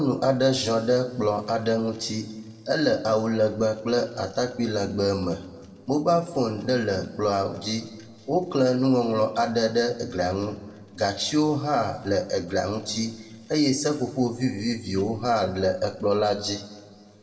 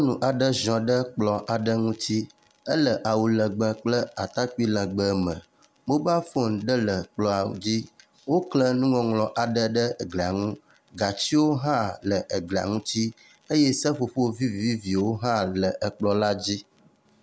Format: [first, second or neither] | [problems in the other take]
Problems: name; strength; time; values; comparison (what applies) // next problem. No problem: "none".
second | room echo; dies away in 1.3 s